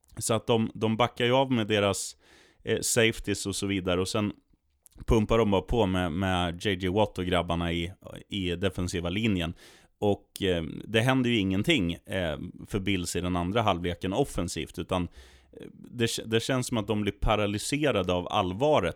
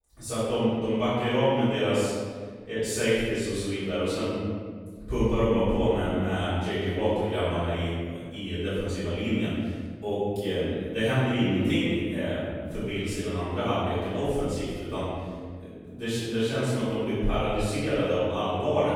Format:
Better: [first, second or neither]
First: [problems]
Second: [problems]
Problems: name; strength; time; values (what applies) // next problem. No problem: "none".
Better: first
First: none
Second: room echo; strong; dies away in 1.6 s // off-mic speech; far